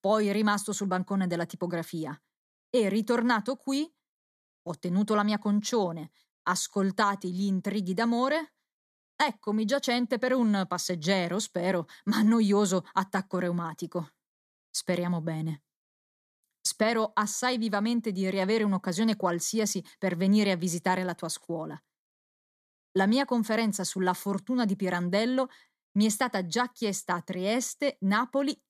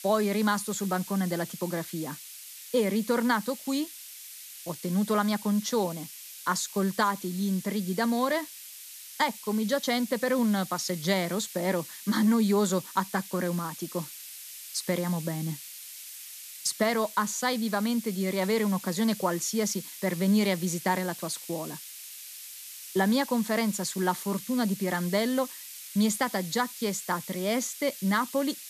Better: first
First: none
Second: hiss; noticeable; throughout; 10 dB below the speech

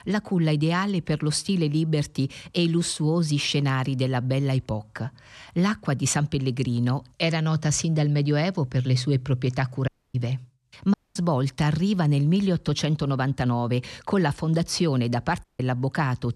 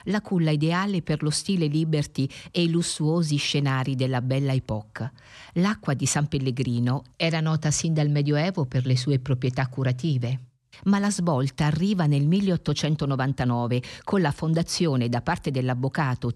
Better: second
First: audio cutting out; at 10 s, at 11 s and at 15 s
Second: none

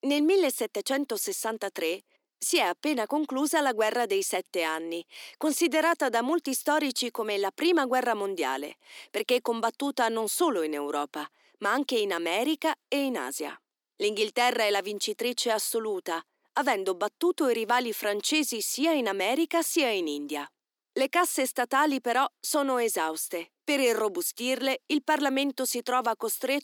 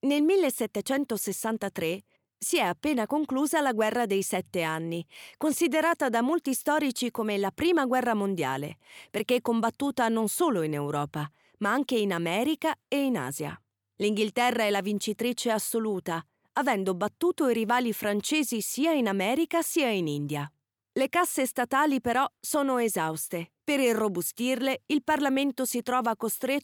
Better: second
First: thin; very slightly; fading below 250 Hz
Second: none

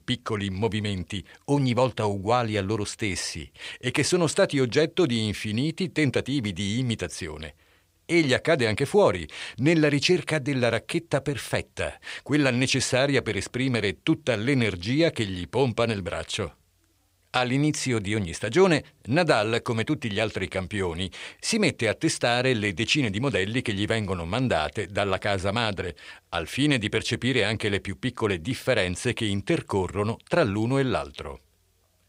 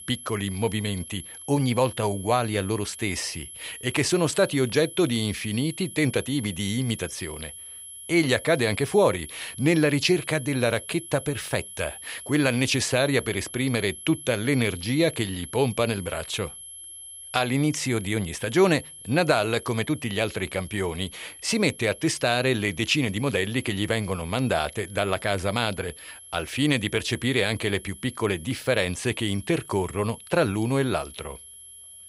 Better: first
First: none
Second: high-pitched whine; noticeable; throughout; 11 kHz, 15 dB below the speech

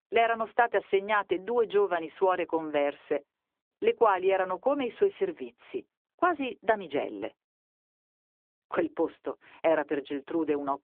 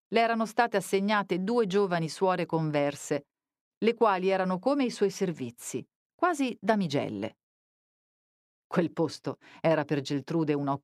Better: second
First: phone-call audio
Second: none

